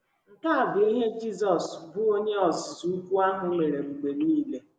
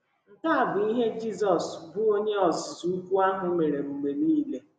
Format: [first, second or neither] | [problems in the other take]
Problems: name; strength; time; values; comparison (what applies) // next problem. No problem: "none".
second | noise reduction (neural mask model Resemble Enhance denoiser)